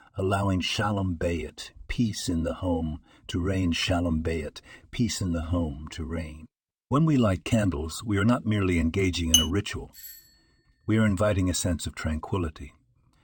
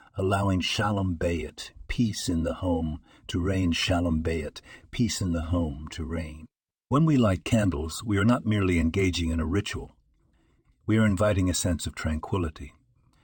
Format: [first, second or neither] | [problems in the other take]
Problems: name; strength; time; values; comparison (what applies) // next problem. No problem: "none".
second | clattering dishes; loud; at 9.5 s; peak 6 dB above the speech // doorbell; faint; at 10 s; peak 15 dB below the speech